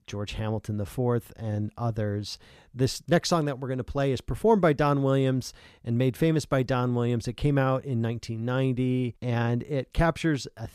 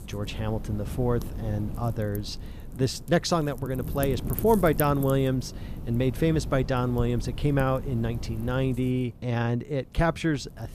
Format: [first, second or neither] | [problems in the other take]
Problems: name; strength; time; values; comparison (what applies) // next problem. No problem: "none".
first | wind noise on the microphone; occasional gusts; 15 dB below the speech